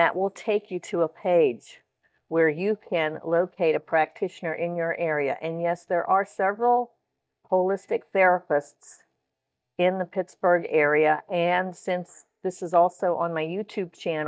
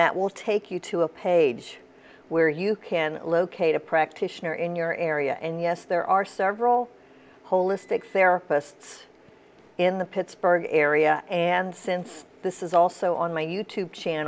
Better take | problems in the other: second | noise reduction (neural mask model DeepFilterNet 3)

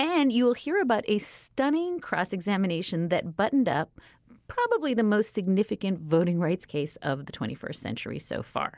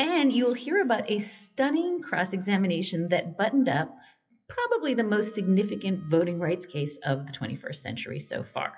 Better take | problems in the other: first | noise reduction (classical method WPE with log-MMSE)

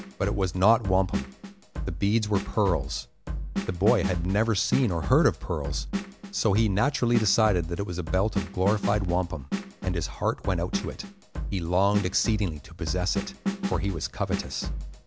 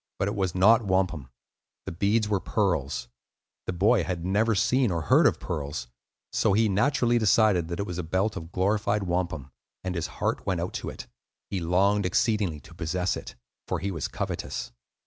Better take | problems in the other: second | background sound (Drum kit); 6 dB below the speech

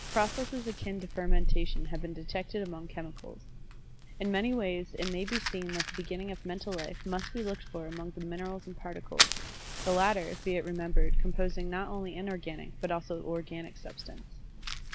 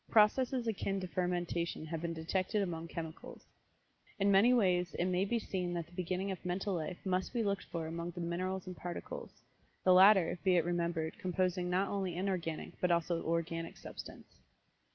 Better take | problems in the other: second | background sound (Fire); 3 dB above the speech

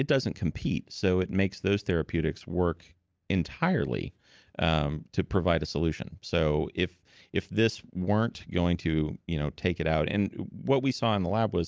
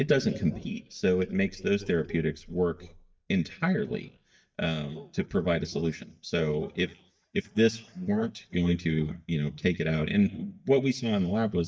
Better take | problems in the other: first | noise reduction (neural mask model DeepFilterNet 3)

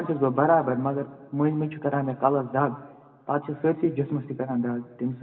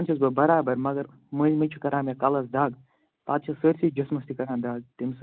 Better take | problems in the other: second | room echo; dies away in 3 s

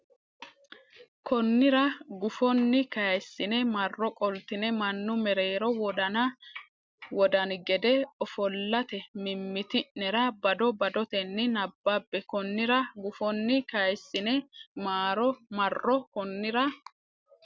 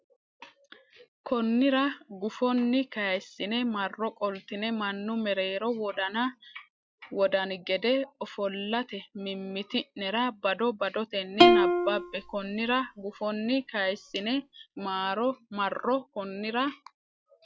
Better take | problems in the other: first | noise reduction (classical method log-MMSE)

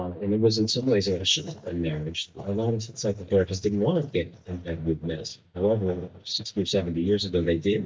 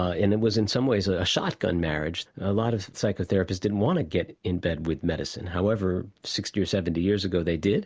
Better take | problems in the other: second | noise reduction (neural mask model DeepFilterNet 3)

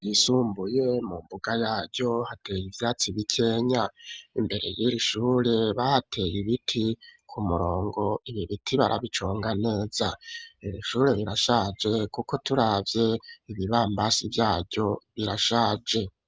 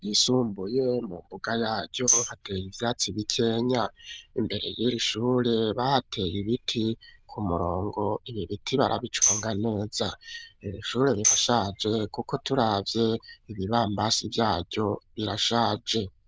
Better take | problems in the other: first | noise reduction (neural diffusion model UNIVERSE++)

